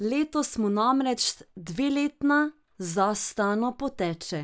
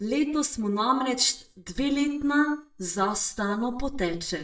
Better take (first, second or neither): first